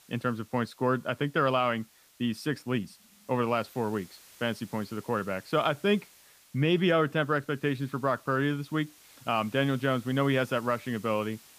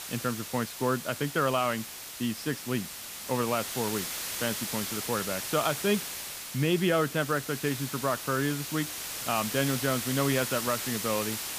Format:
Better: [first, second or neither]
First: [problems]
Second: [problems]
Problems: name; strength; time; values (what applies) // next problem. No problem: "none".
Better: first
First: hiss; faint; throughout; 25 dB below the speech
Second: hiss; loud; throughout; 4 dB below the speech